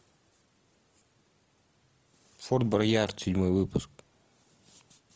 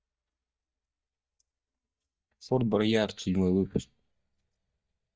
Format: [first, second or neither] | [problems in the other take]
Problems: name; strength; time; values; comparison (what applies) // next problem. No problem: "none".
first | noise reduction (neural mask model DeepFilterNet 3)